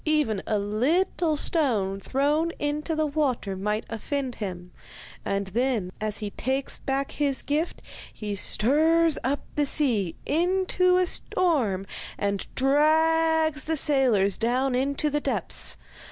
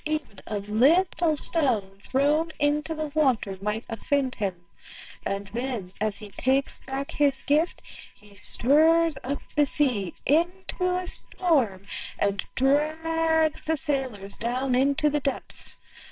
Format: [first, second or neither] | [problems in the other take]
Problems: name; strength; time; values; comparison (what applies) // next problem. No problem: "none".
first | noise reduction (neural separator model SepFormer WHAMR!)